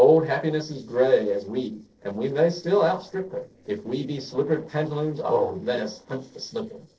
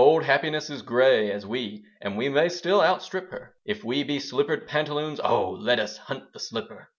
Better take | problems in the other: second | noise reduction (neural separator model SepFormer DNS4)

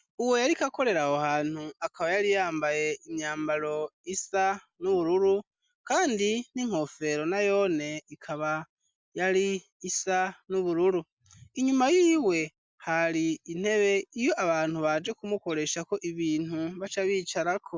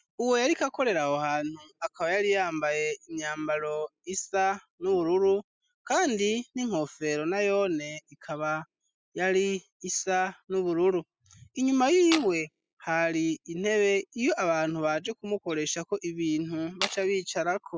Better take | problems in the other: first | noise reduction (classical method spectral subtraction)

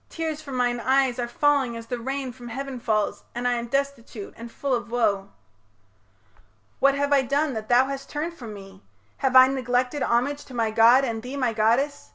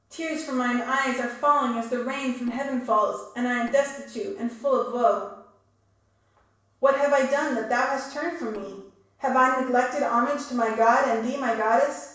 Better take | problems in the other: first | noise reduction (neural separator model SepFormer DNS4)

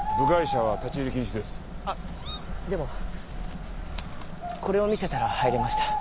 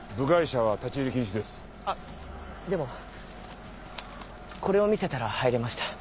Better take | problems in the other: second | background sound (Bird); 1 dB below the speech

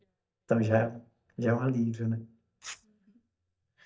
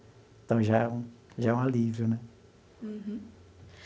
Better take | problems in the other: second | noise reduction (neural mask model DeepFilterNet 3)

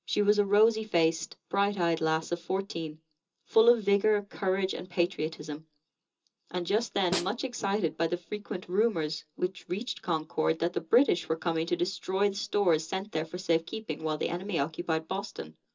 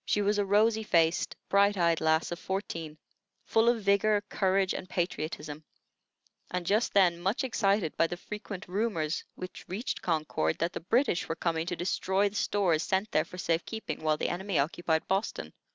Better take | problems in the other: second | background sound (Snare drum); 10 dB below the speech // room echo; dies away in 0.2 s

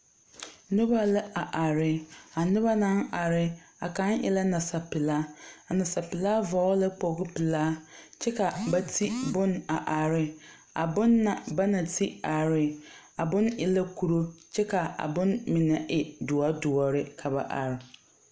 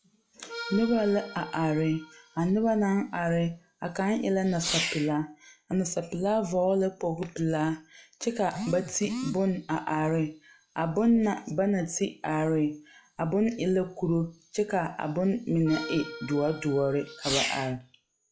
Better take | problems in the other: first | noise reduction (classical method log-MMSE)

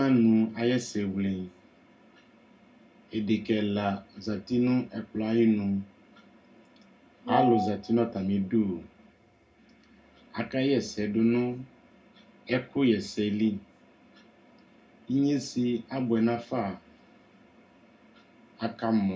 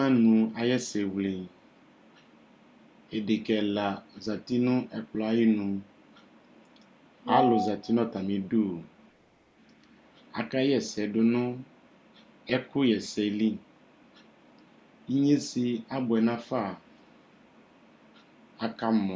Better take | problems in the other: second | room echo; dies away in 0.2 s

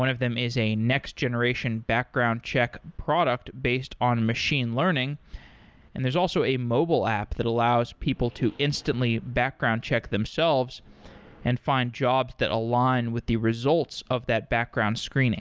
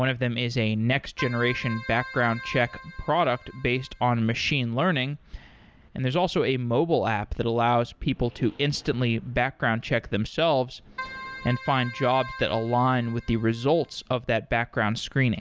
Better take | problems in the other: first | background sound (Keyboard (musical)); 14 dB below the speech

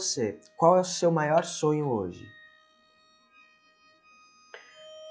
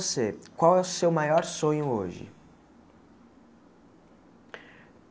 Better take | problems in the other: second | noise reduction (classical method log-MMSE)

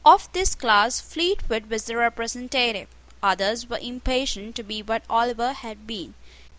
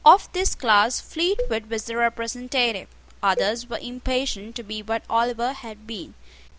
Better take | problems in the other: first | background sound (Cowbell); 13 dB below the speech

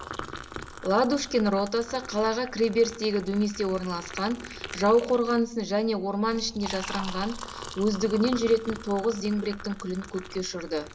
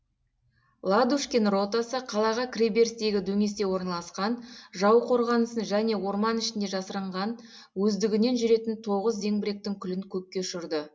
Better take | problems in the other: second | background sound (Liquid); 13 dB below the speech

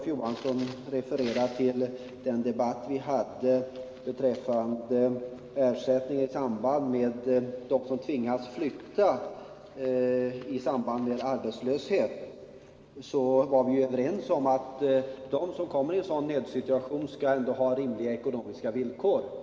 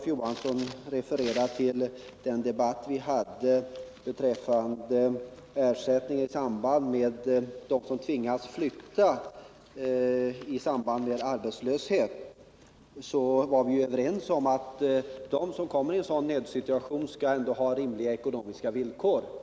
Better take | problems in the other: second | room echo; dies away in 2.5 s

